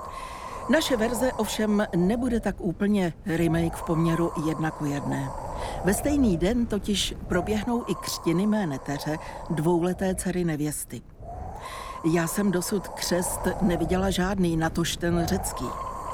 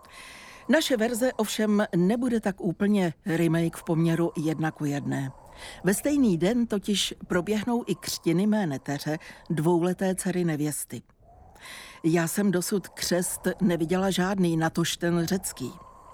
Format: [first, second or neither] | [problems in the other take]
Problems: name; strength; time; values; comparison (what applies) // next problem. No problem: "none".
second | wind noise on the microphone; heavy; 7 dB below the speech; occasional gusts in the second